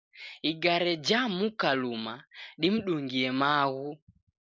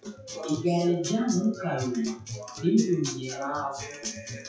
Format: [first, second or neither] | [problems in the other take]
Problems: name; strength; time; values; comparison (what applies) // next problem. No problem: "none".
first | noise reduction (classical method WPE with log-MMSE)